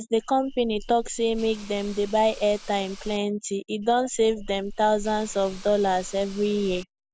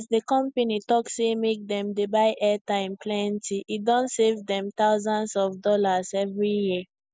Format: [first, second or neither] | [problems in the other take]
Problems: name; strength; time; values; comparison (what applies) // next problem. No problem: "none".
second | background sound (Hiss / Insect); 15 dB below the speech